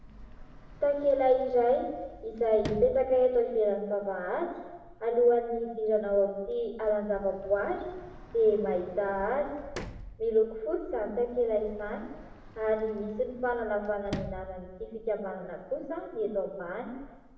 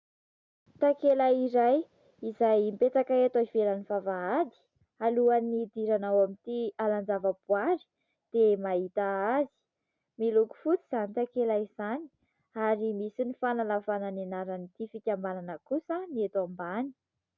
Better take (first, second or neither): second